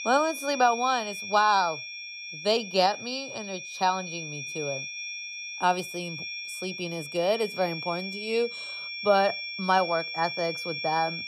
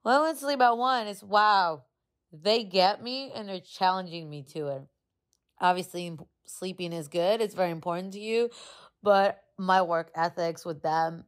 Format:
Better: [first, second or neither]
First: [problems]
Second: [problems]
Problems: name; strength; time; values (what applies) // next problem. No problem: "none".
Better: second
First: high-pitched whine; loud; throughout; 2.5 kHz, 7 dB below the speech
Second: none